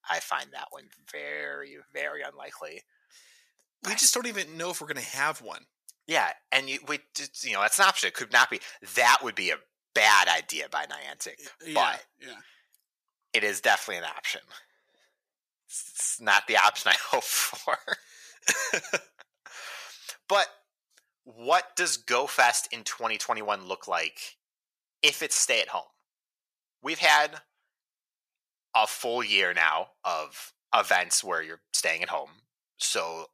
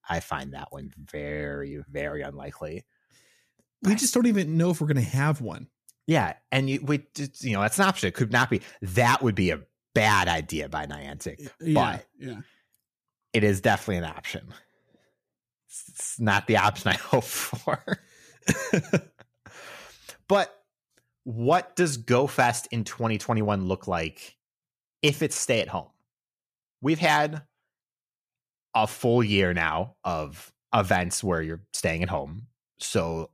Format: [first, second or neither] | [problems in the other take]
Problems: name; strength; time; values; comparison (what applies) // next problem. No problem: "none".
second | thin; very; fading below 800 Hz